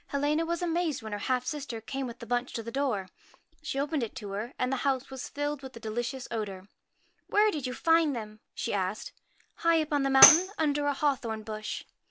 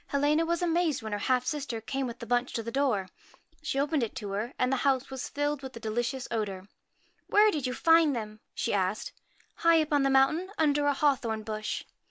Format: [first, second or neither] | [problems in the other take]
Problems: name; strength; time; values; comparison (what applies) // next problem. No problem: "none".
second | background sound (Tambourine); 3 dB above the speech